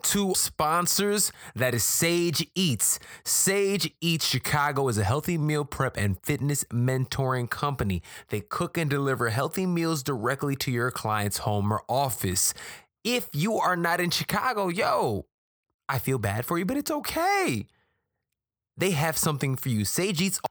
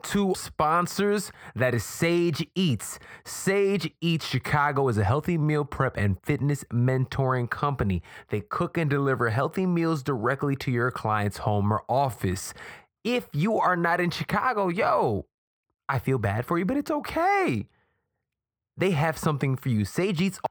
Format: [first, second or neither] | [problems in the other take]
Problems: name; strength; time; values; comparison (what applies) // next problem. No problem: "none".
first | muffled; slightly; fading above 3.5 kHz